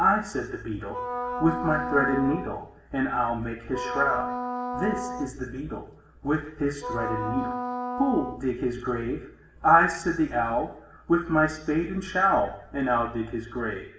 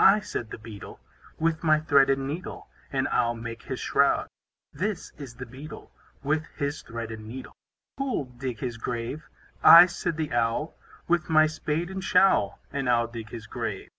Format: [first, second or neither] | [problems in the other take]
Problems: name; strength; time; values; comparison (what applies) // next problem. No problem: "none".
second | background sound (Wind instrument, woodwind instrument); 7 dB below the speech // room echo; dies away in 0.8 s